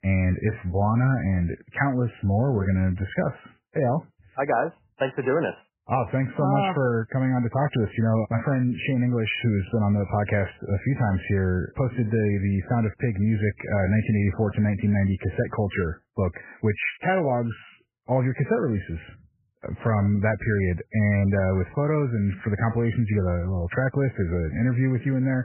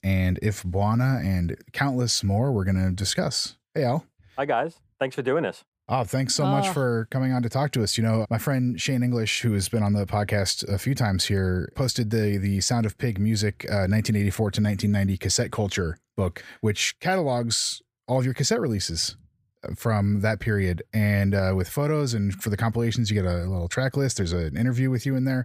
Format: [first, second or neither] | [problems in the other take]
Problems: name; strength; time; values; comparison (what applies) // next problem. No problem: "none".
second | garbled, watery; badly; nothing above 3 kHz